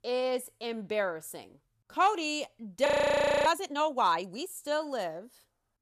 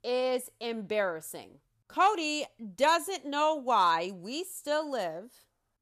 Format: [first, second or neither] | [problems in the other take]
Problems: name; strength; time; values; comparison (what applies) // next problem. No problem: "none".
second | audio freezing; at 3 s for 0.5 s